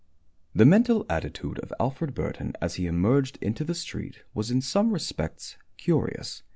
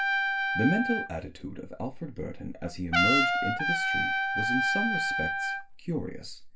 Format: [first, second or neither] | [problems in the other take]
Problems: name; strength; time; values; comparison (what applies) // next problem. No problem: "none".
first | background sound (Trumpet); 3 dB above the speech // room echo; dies away in 0.2 s